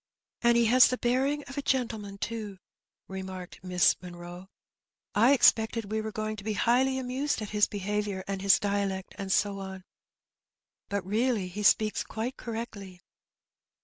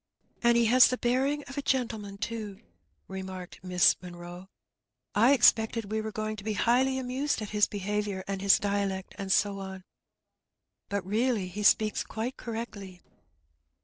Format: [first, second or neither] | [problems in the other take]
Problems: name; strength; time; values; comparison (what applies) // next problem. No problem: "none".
first | noise reduction (neural separator model SepFormer DNS4)